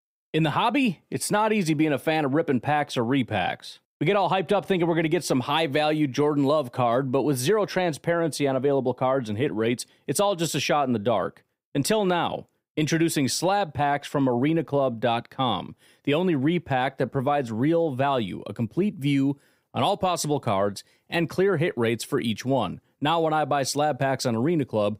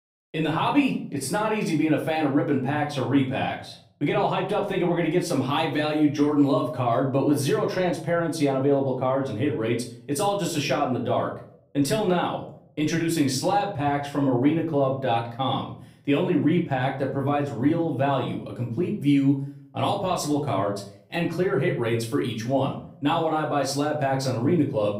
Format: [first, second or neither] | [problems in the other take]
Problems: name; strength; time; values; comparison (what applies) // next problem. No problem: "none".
first | room echo; slight; dies away in 0.4 s // off-mic speech; far